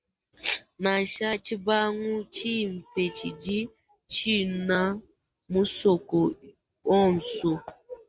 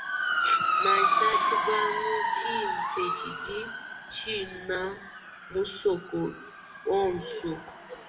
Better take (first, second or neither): first